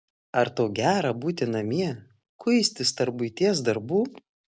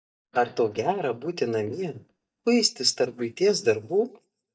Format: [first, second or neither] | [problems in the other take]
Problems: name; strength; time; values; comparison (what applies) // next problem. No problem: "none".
first | noise reduction (neural mask model DeepFilterNet 3)